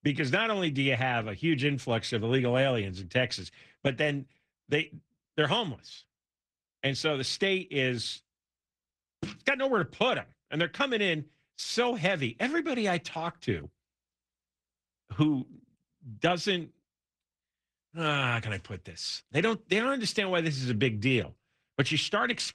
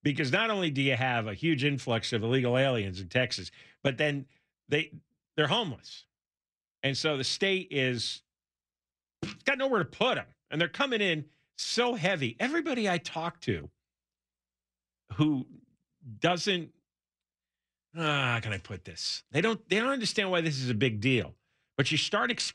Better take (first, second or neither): second